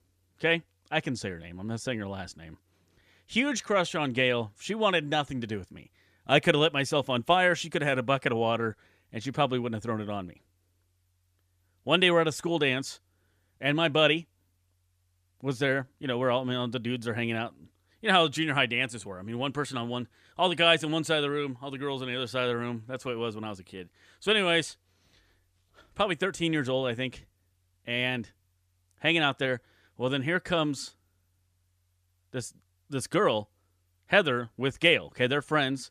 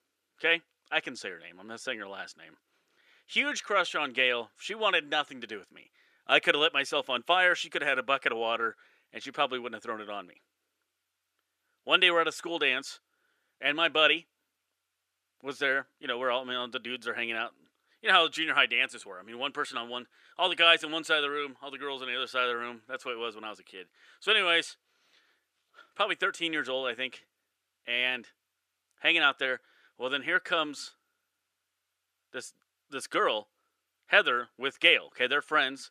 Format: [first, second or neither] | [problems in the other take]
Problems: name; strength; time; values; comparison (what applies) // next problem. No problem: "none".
first | thin; somewhat; fading below 400 Hz